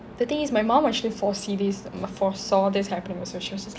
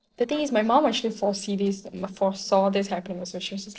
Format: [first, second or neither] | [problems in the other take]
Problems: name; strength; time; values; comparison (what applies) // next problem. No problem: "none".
first | noise reduction (neural separator model SepFormer DNS4)